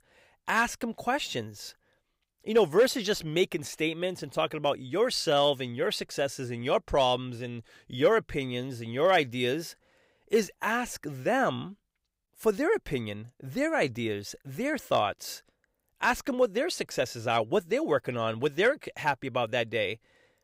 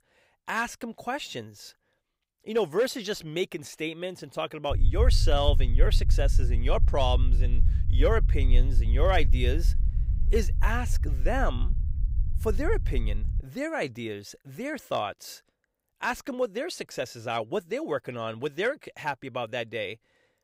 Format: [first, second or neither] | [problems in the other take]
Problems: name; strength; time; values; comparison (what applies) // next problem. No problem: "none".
first | low rumble; noticeable; from 4.5 to 13 s; 15 dB below the speech